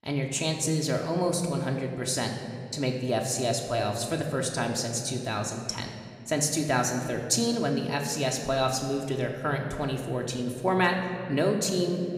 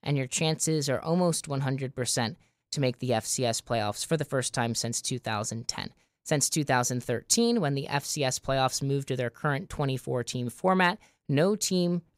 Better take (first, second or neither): second